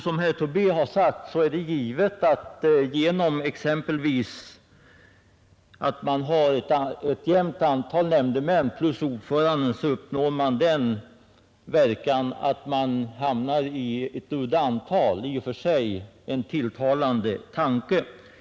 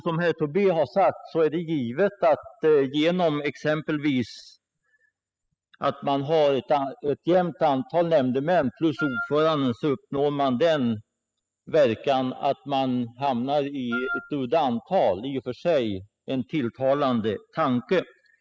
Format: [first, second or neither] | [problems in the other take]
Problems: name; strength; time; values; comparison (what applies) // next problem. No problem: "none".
first | noise reduction (classical method spectral subtraction)